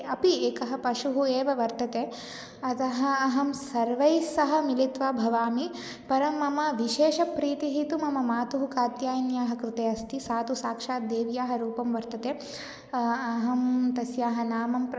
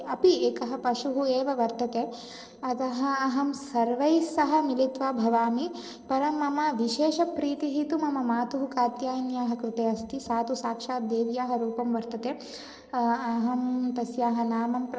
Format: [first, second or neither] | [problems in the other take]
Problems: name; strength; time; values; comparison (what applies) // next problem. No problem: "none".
first | noise reduction (neural separator model SepFormer DNS4)